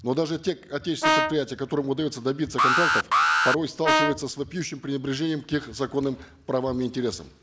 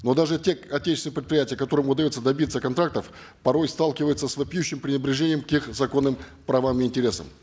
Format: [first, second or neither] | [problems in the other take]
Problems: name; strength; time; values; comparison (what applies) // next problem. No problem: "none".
second | background sound (Alarm + Brass instrument); 4 dB above the speech